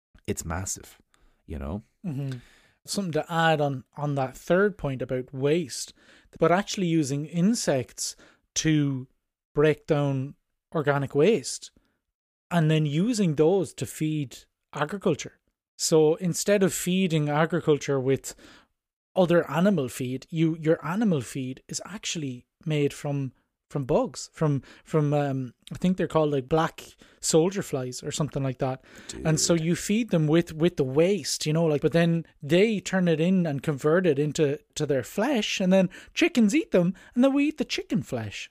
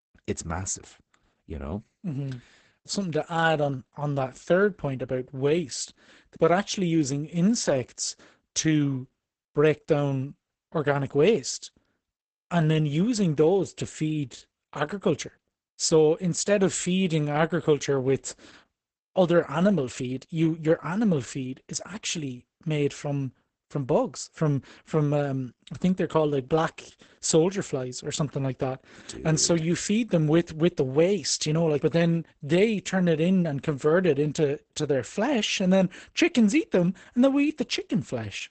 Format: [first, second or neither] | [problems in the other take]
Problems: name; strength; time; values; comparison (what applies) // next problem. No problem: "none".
first | garbled, watery; badly; nothing above 8 kHz